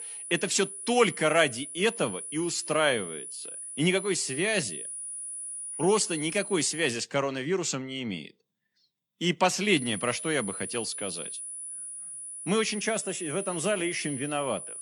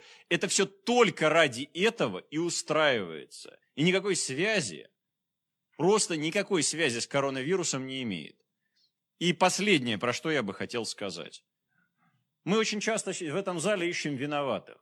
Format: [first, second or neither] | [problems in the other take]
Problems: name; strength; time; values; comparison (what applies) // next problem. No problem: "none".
second | high-pitched whine; loud; until 7 s and from 9.5 s on; 10 kHz, 8 dB below the speech